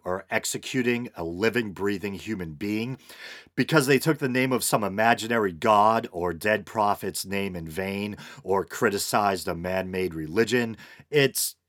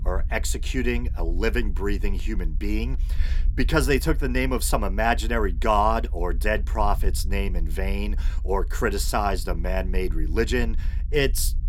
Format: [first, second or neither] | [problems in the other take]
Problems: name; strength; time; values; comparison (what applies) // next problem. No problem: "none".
first | low rumble; faint; throughout; 25 dB below the speech